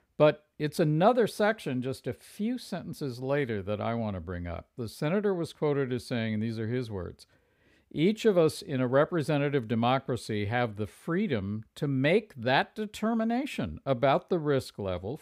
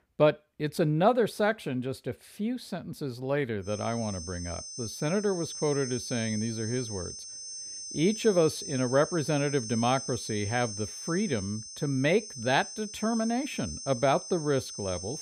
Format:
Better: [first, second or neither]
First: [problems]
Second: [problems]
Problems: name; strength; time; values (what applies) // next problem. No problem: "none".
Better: first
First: none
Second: high-pitched whine; loud; from 3.5 s on; 6 kHz, 8 dB below the speech